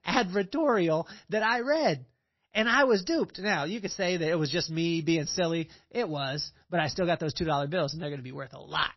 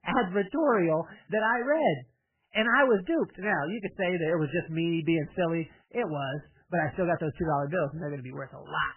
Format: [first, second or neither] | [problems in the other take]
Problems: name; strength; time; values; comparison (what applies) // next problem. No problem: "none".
first | garbled, watery; badly; nothing above 3 kHz; slightly in the first